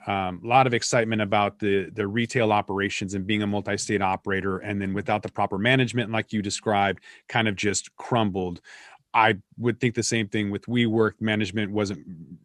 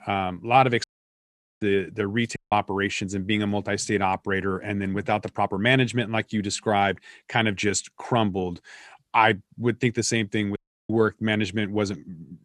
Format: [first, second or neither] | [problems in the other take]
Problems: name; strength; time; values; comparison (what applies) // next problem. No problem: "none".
first | audio cutting out; at 1 s for 1 s, at 2.5 s and at 11 s